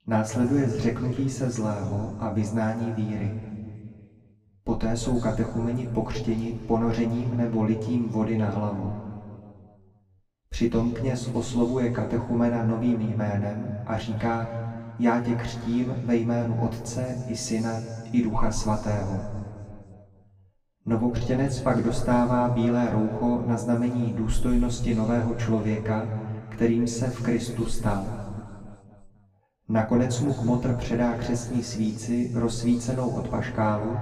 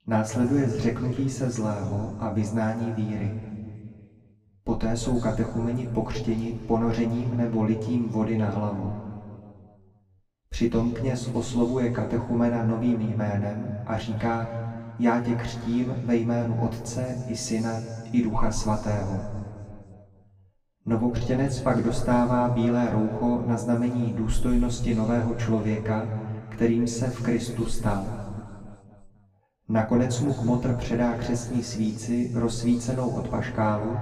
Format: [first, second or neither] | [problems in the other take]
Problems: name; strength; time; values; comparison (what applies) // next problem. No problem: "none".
neither | room echo; noticeable; dies away in 2.1 s; the same in both // off-mic speech; far; the same in both